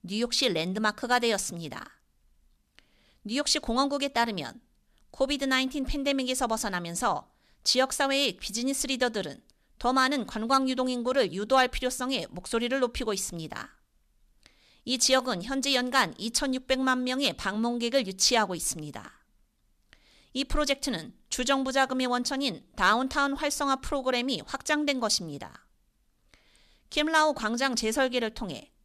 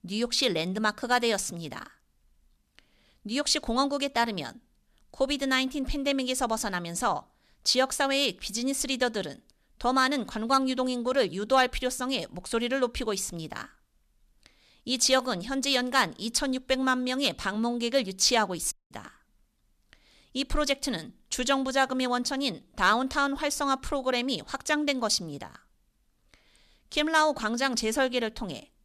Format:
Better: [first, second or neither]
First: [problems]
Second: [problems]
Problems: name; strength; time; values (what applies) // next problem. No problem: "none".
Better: first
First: none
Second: audio cutting out; at 19 s